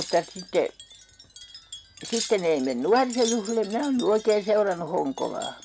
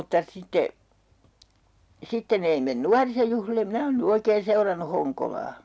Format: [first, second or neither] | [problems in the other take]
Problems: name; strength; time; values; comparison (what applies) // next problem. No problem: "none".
second | background sound (Wind chime); 14 dB below the speech